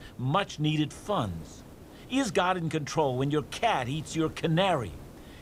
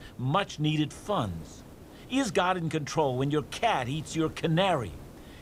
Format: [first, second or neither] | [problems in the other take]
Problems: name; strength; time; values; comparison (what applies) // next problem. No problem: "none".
neither | hiss; faint; throughout; 20 dB below the speech; the same in both